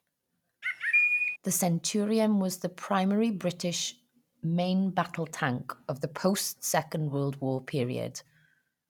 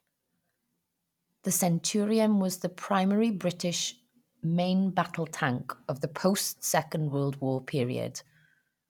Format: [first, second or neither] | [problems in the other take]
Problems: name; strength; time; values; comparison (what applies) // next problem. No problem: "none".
second | background sound (Bird); 4 dB above the speech